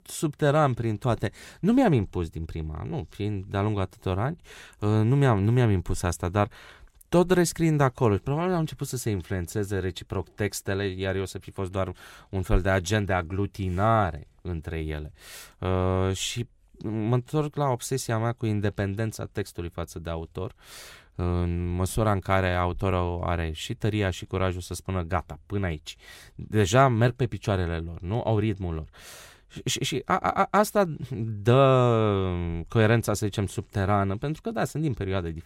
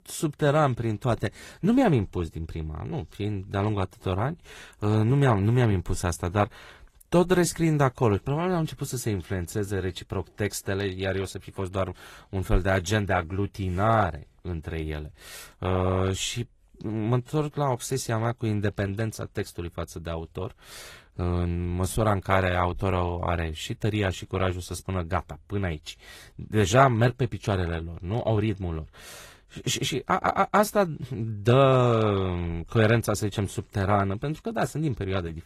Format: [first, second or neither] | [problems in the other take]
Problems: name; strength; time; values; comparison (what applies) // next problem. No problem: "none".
first | garbled, watery; slightly; nothing above 13.5 kHz